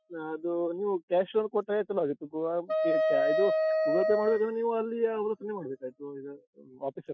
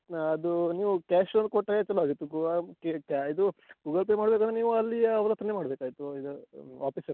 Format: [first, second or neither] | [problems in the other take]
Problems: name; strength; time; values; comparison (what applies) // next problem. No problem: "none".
second | noise reduction (classical method Wiener filter)